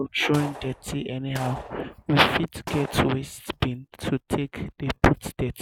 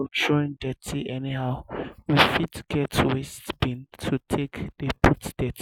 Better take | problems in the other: second | background sound (Gunshot, gunfire); 15 dB below the speech

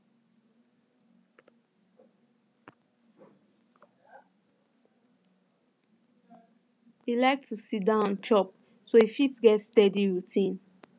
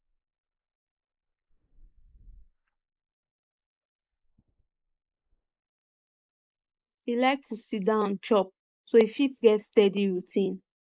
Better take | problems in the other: first | noise reduction (neural mask model Resemble Enhance denoiser)

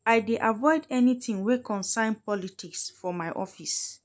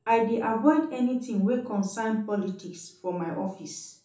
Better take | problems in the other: first | room echo; dies away in 0.8 s

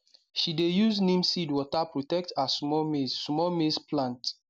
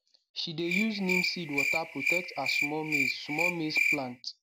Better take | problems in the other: first | background sound (Cricket); 3 dB above the speech

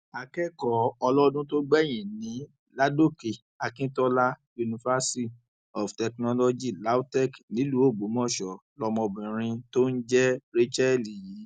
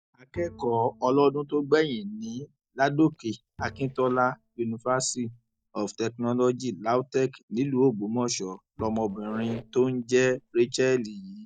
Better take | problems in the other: first | noise reduction (neural mask model DeepFilterNet 3)

